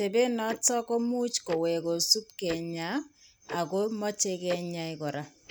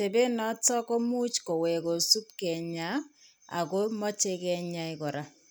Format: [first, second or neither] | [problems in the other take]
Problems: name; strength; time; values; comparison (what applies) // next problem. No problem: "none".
second | background sound (Tick-tock); 17 dB below the speech